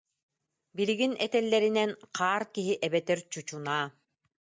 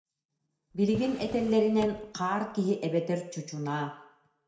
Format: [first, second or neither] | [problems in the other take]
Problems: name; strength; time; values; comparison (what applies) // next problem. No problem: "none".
first | background sound (Drawer open or close); 16 dB below the speech // room echo; dies away in 0.6 s